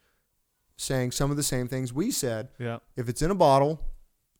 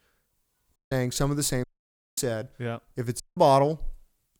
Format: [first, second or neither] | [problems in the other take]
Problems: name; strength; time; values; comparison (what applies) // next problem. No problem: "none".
first | audio cutting out; at 1 s, at 1.5 s for 0.5 s and at 3 s